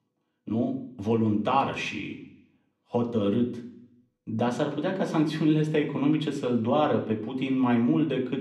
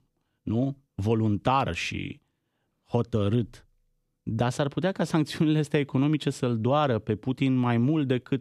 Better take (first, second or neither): second